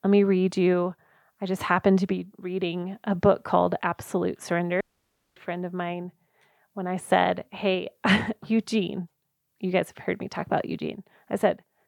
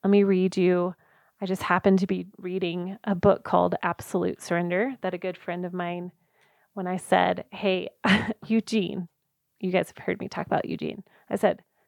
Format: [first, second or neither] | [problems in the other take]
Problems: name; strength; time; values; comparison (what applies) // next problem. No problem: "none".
second | audio cutting out; at 5 s for 0.5 s